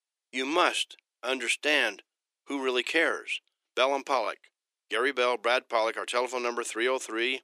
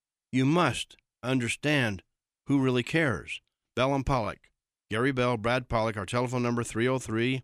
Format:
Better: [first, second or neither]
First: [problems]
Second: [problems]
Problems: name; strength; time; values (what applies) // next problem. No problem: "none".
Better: second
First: thin; very; fading below 350 Hz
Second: none